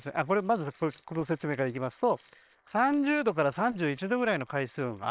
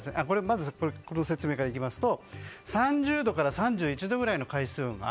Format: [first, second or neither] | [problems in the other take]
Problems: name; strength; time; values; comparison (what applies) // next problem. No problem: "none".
second | noise reduction (neural separator model SepFormer WHAM!)